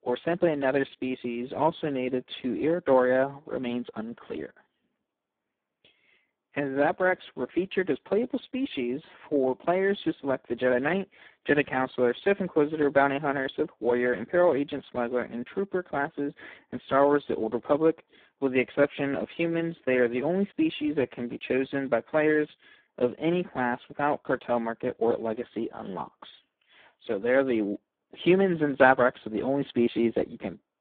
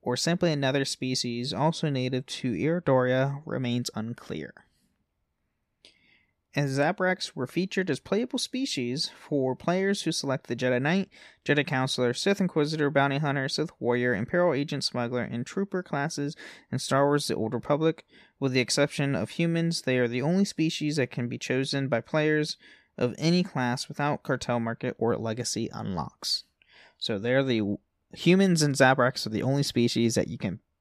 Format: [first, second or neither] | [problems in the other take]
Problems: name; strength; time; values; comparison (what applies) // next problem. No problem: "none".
second | phone-call audio; poor line; nothing above 3.5 kHz